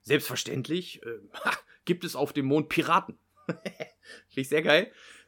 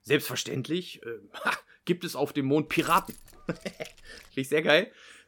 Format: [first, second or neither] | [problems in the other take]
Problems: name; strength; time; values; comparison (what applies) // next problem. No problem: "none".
first | jangling keys; faint; from 2.5 to 4.5 s; peak 10 dB below the speech